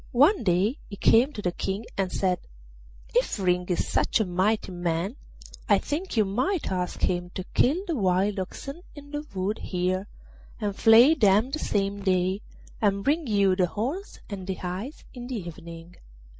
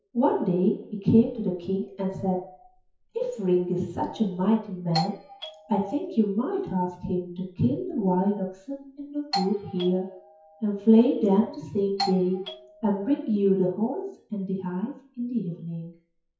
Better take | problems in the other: first | noise reduction (classical method WPE with log-MMSE)

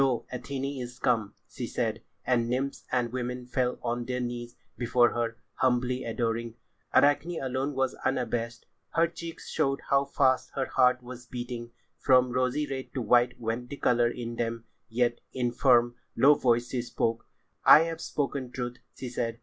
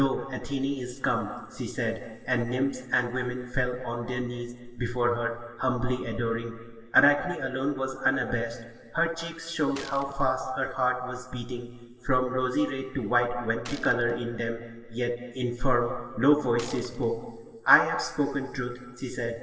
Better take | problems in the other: first | background sound (Gunshot, gunfire); 19 dB below the speech // room echo; dies away in 2.2 s

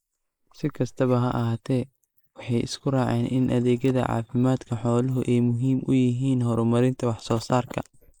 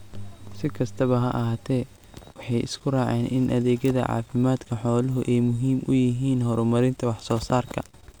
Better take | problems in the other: second | noise reduction (neural mask model Resemble Enhance denoiser)

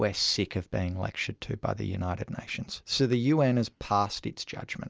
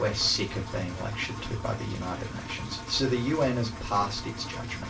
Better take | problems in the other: first | background sound (Engine); 8 dB below the speech // room echo; dies away in 0.2 s

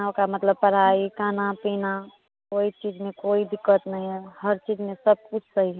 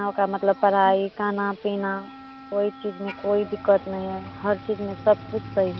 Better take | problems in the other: first | background sound (Wind instrument, woodwind instrument + Motor vehicle (road)); 17 dB below the speech

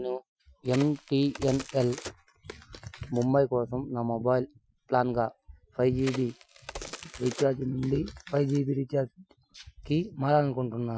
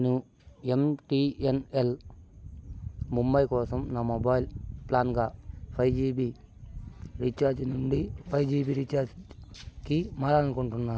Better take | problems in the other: second | noise reduction (classical method Wiener filter)

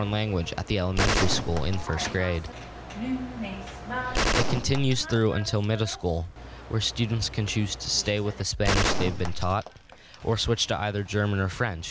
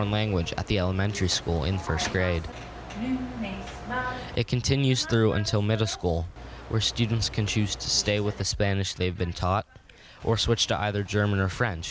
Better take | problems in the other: second | background sound (Gunshot, gunfire); 2 dB below the speech

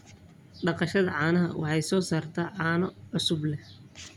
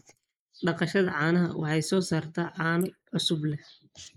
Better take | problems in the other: first | noise reduction (neural mask model Resemble Enhance denoiser)

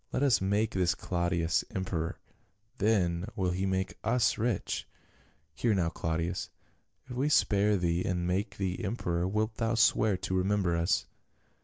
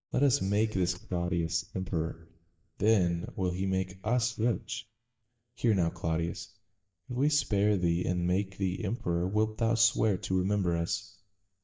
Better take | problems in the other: first | noise reduction (neural mask model DeepFilterNet 3)

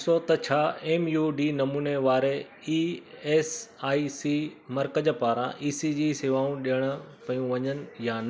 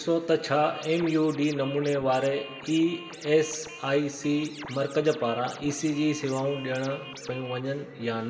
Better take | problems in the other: first | background sound (Scratching (performance technique)); 17 dB below the speech // room echo; dies away in 1.6 s

